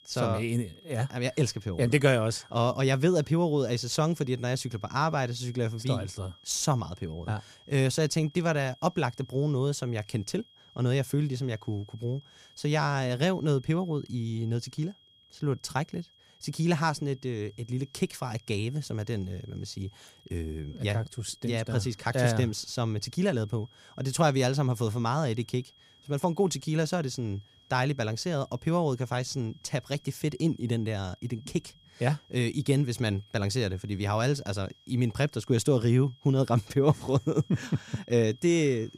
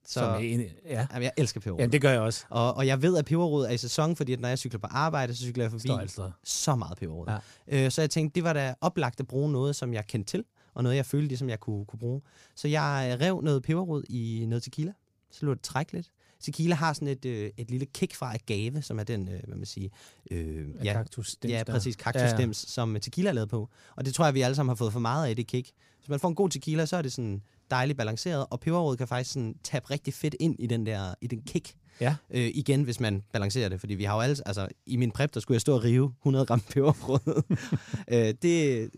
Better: second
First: high-pitched whine; faint; throughout; 3.5 kHz, 25 dB below the speech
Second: none

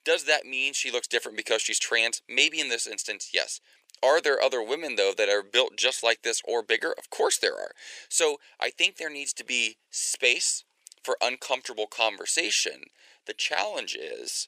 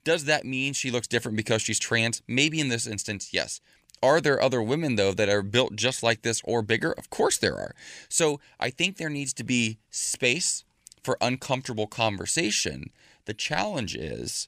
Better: second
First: thin; very; fading below 400 Hz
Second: none

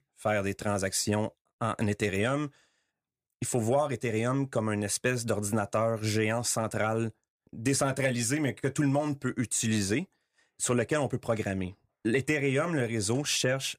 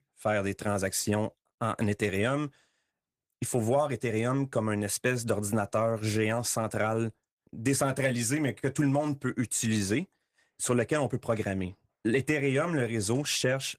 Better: first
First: none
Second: garbled, watery; slightly

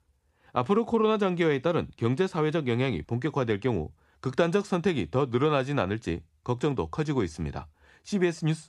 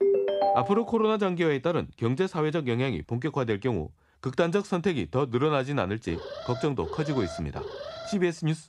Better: first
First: none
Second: phone ringing; loud; at the start; peak 4 dB above the speech // alarm; noticeable; from 6 to 8 s; peak 10 dB below the speech

